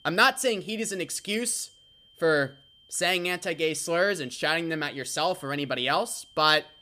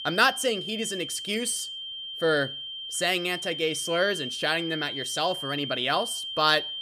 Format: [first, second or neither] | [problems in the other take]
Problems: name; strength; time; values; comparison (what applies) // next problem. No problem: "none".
first | high-pitched whine; loud; throughout; 3 kHz, 6 dB below the speech; faint in the first